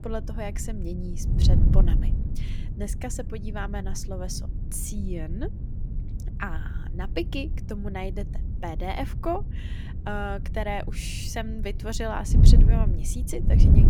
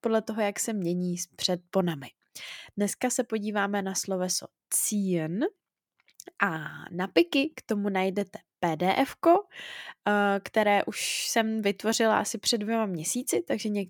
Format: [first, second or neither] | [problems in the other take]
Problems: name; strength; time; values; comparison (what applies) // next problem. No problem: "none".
second | wind noise on the microphone; heavy; 7 dB below the speech